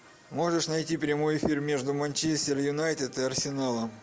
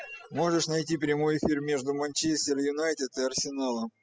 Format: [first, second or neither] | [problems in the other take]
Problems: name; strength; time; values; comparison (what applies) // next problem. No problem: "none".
first | noise reduction (classical method spectral subtraction)